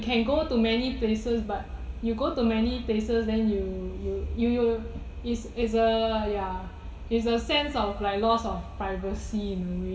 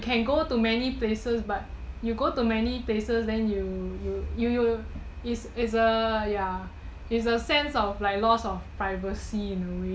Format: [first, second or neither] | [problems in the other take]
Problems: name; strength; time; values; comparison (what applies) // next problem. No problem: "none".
second | room echo; dies away in 2.7 s